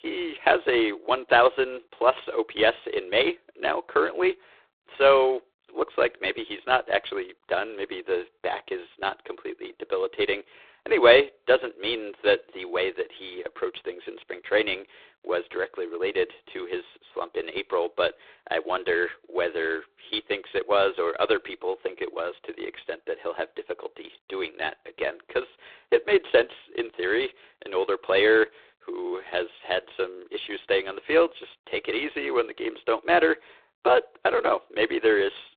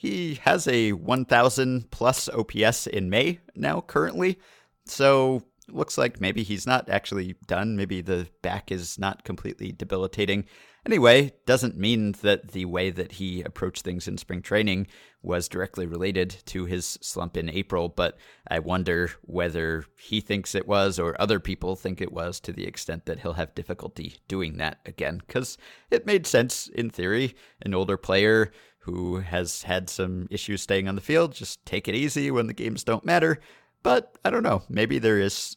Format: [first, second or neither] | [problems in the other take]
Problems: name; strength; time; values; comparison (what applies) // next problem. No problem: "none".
second | phone-call audio; poor line; nothing above 3.5 kHz